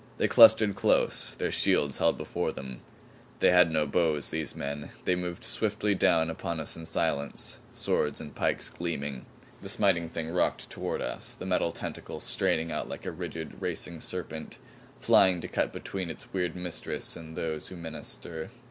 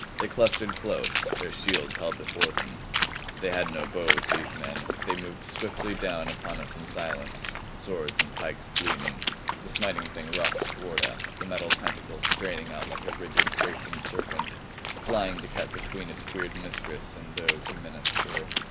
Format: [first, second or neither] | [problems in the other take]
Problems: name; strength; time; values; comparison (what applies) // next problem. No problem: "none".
first | background sound (Water / Splash, splatter); 3 dB above the speech